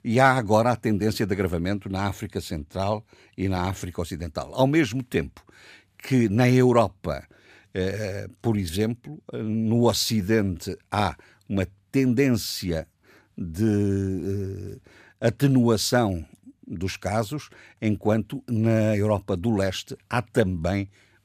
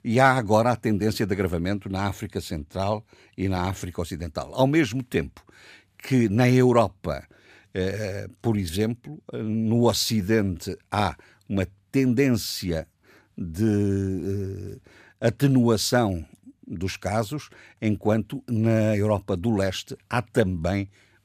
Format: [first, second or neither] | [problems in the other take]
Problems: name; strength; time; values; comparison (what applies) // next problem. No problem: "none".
neither | none